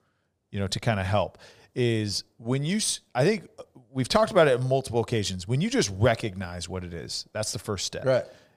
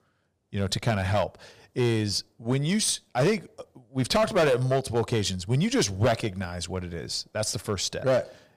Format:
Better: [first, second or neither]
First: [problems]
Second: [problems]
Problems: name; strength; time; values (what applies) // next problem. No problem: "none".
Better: first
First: none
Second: distortion; slight; 5% of the sound clipped